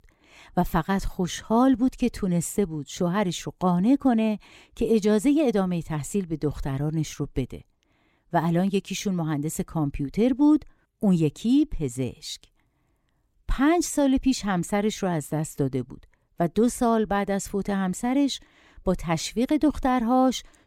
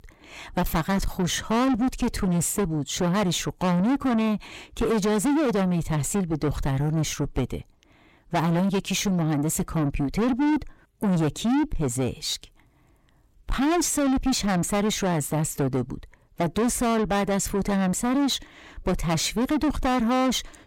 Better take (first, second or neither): first